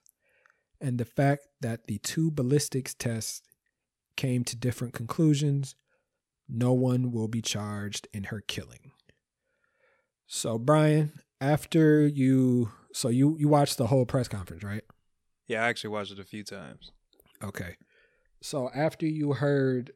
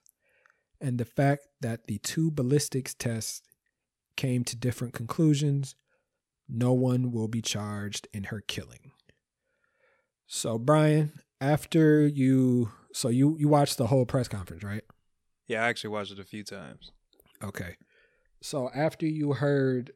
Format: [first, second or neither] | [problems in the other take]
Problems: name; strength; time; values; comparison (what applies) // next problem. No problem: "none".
neither | none